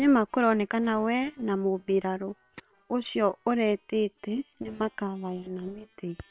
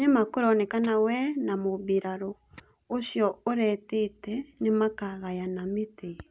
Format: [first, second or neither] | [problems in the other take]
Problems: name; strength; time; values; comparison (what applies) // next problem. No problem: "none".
second | noise reduction (neural separator model SepFormer WHAM!)